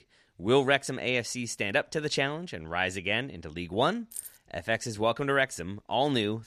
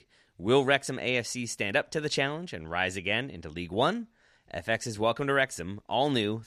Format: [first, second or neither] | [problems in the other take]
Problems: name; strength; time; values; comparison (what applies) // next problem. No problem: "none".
second | jangling keys; faint; at 4 s; peak 10 dB below the speech